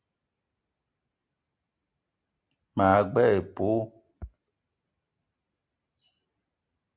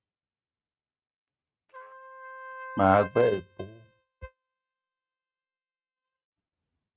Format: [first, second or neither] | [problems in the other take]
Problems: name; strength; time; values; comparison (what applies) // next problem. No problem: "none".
first | noise reduction (neural mask model RNNoise)